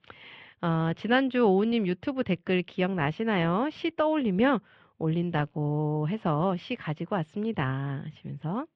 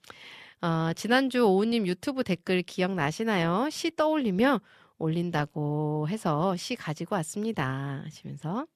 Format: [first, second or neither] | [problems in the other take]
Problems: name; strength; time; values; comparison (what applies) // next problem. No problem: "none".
second | muffled; very; fading above 3 kHz